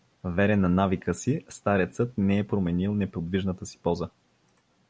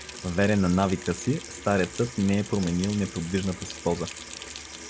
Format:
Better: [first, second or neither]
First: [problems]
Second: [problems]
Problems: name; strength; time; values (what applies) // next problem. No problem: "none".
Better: first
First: none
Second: background sound (Sink (filling or washing) / Water tap, faucet); 13 dB below the speech